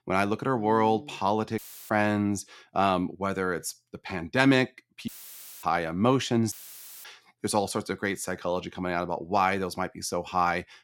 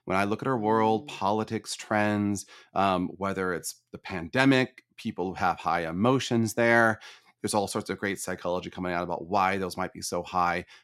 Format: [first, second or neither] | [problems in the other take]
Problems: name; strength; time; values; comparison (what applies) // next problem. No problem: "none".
second | audio cutting out; filled with static; at 1.5 s, at 5 s for 0.5 s and at 6.5 s for 0.5 s